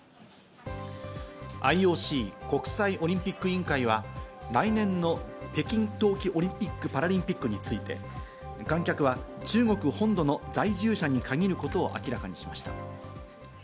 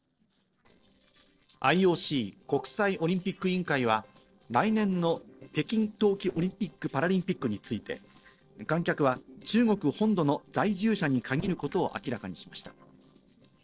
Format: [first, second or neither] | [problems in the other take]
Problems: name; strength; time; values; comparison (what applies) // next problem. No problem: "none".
first | noise reduction (neural separator model SepFormer DNS4)